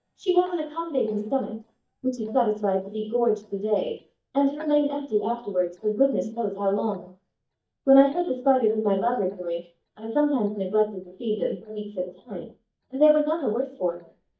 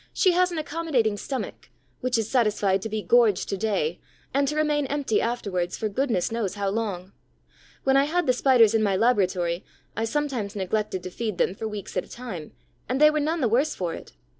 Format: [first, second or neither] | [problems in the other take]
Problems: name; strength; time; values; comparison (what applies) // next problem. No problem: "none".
second | noise reduction (neural mask model DeepFilterNet 3)